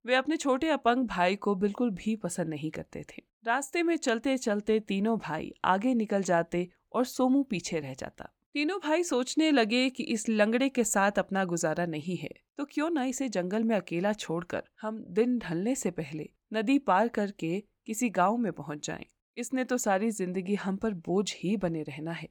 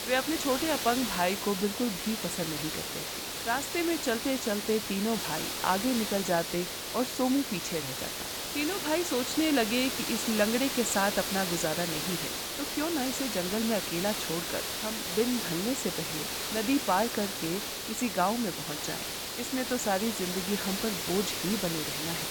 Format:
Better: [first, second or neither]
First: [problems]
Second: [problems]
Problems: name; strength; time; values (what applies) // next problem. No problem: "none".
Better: first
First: none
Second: hiss; loud; throughout; 1 dB below the speech